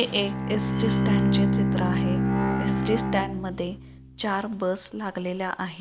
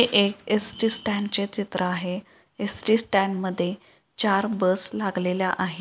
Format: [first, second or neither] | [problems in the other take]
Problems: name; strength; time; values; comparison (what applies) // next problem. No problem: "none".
second | background sound (Bowed string instrument); 3 dB above the speech